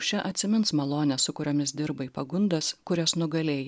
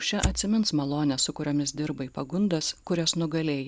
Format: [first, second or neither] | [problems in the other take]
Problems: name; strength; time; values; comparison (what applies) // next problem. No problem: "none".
first | background sound (Fire); 11 dB below the speech